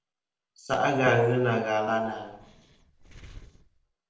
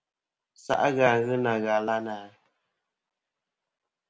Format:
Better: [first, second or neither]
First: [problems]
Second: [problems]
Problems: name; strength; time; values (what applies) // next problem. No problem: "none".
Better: second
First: noise reduction (neural separator model SepFormer DNS4)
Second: none